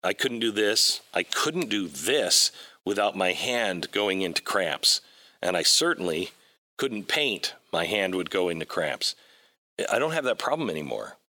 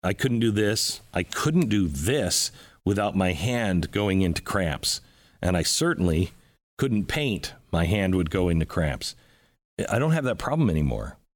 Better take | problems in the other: second | thin; somewhat; fading below 450 Hz

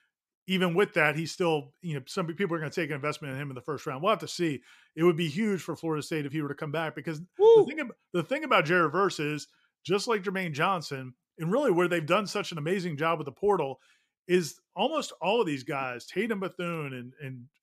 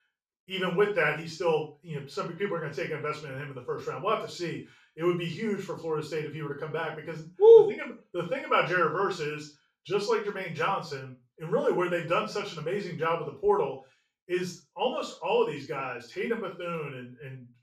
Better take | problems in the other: first | room echo; noticeable; dies away in 0.3 s // off-mic speech; far

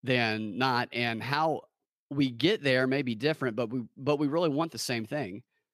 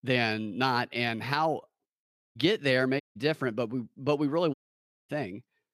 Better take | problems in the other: first | audio cutting out; at 2 s, at 3 s and at 4.5 s for 0.5 s

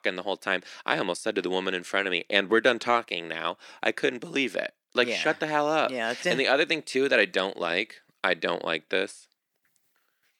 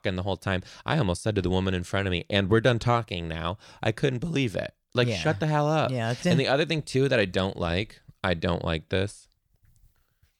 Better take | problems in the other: second | thin; somewhat; fading below 250 Hz

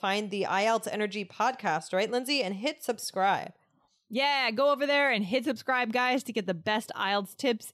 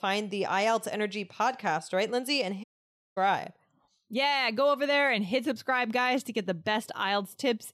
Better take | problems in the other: first | audio cutting out; at 2.5 s for 0.5 s

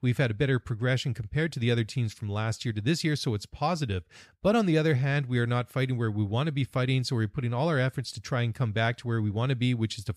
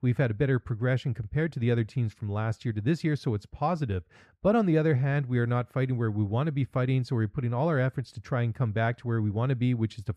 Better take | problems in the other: first | muffled; slightly; fading above 2.5 kHz

